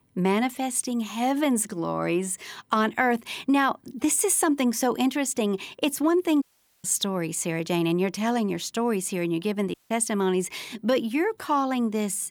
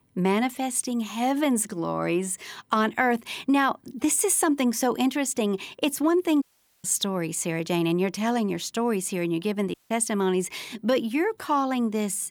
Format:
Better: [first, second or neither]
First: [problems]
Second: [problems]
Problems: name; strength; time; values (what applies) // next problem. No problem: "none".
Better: neither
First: audio cutting out; at 6.5 s and at 9.5 s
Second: audio cutting out; at 6.5 s and at 9.5 s